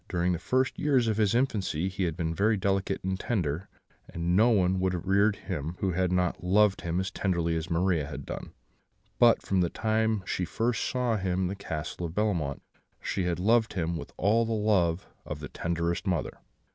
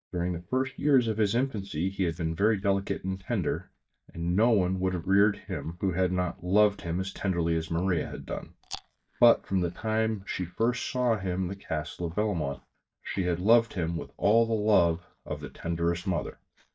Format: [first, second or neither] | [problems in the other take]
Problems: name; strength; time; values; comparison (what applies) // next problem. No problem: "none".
first | noise reduction (neural mask model DeepFilterNet 3)